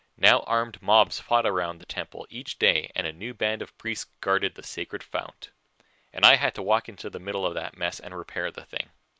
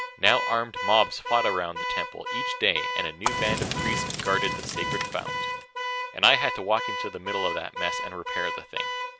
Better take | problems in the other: first | background sound (Fire + Alarm / Car); 3 dB below the speech

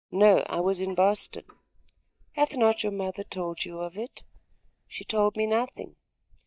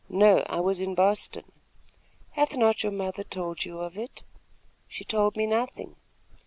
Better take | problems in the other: second | noise reduction (neural mask model DeepFilterNet 3)

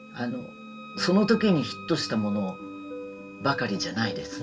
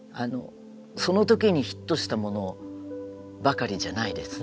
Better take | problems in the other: second | background sound (Wind instrument, woodwind instrument); 18 dB below the speech // room echo; dies away in 0.2 s

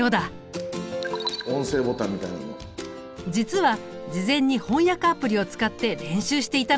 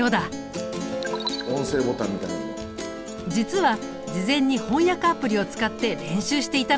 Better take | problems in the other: first | background sound (Acoustic guitar); 10 dB below the speech

